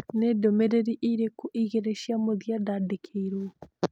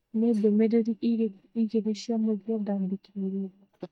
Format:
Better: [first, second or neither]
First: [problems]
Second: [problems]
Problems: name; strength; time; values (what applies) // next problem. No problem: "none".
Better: first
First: none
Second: noise reduction (neural mask model DeepFilterNet 3)